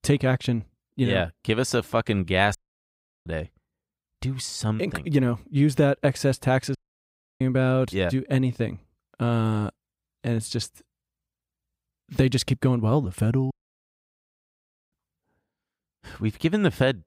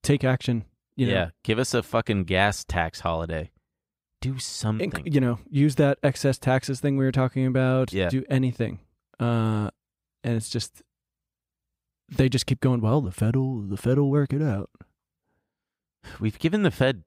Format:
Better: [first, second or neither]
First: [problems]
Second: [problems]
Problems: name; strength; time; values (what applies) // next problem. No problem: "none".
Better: second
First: audio cutting out; at 2.5 s for 0.5 s, at 7 s for 0.5 s and at 14 s for 1.5 s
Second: none